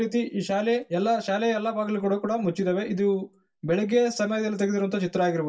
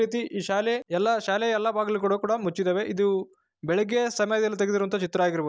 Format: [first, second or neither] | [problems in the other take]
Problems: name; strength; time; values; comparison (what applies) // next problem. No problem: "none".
second | room echo; dies away in 0.2 s